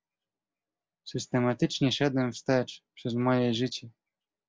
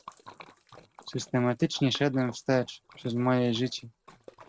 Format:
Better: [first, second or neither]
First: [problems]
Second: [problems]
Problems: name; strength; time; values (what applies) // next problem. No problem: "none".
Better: first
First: none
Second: noise reduction (neural mask model RNNoise)